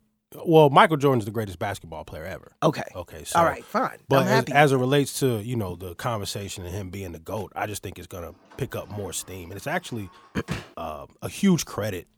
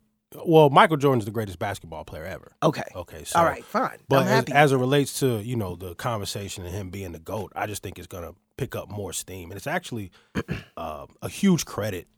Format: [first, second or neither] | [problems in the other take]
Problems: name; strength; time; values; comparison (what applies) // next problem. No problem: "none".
second | door banging; faint; from 8.5 to 11 s; peak 15 dB below the speech